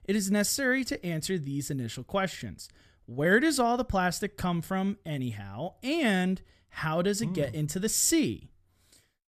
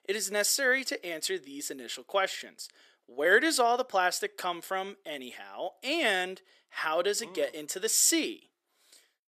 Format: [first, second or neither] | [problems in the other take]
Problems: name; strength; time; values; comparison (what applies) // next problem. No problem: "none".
first | thin; very; fading below 350 Hz